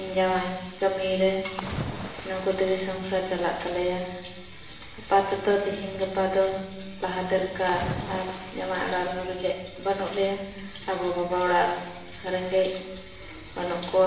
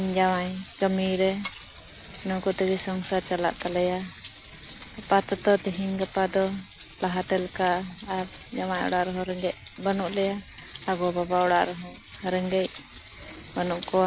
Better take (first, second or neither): second